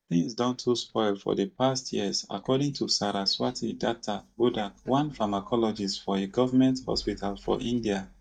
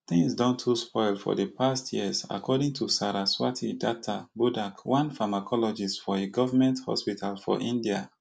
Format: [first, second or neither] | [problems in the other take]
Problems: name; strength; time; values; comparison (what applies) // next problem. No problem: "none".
second | noise reduction (neural mask model DeepFilterNet 3)